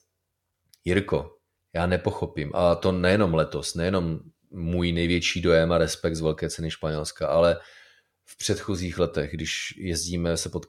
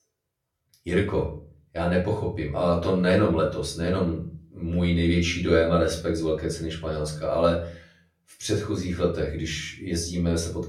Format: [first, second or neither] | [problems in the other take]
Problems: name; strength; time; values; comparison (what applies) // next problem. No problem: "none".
first | off-mic speech; far // room echo; slight; dies away in 0.4 s